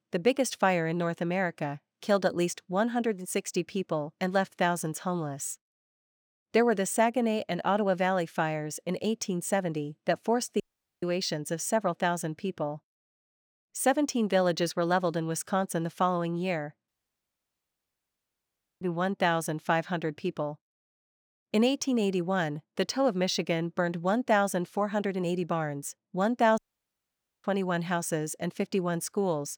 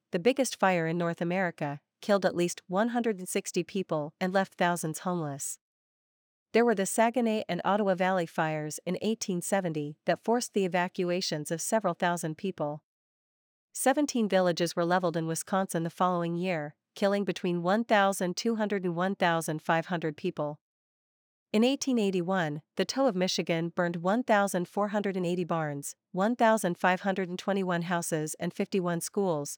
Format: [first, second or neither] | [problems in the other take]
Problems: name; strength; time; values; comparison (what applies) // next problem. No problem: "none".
second | audio cutting out; at 11 s, at 17 s for 2 s and at 27 s for 1 s